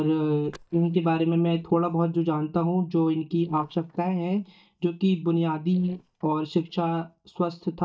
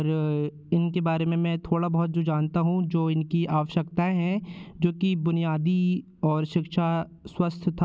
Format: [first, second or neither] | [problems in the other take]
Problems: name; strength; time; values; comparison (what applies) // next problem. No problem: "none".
second | noise reduction (neural mask model DeepFilterNet 3)